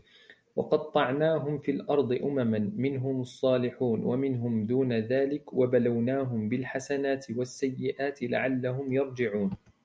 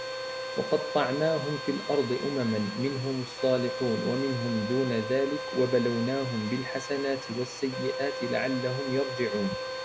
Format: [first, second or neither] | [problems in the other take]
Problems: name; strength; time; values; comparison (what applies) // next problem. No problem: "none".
first | background sound (Domestic sounds, home sounds + Wind instrument, woodwind instrument); 6 dB below the speech